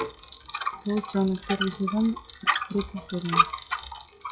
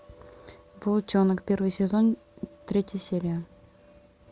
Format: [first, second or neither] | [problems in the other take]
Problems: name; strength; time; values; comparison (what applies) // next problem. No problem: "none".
second | noise reduction (classical method log-MMSE)